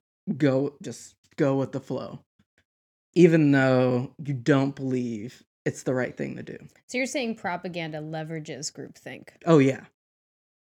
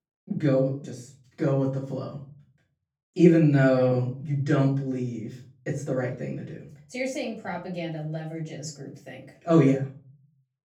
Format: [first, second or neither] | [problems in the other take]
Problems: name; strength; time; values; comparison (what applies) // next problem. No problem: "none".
first | room echo; slight; dies away in 0.4 s // off-mic speech; far